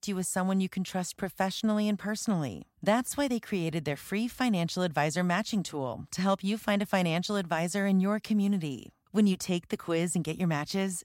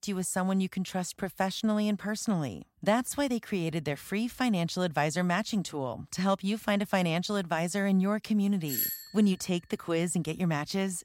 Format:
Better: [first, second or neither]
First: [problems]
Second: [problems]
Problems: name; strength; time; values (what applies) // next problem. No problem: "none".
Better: first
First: none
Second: doorbell; loud; at 8.5 s; peak level with the speech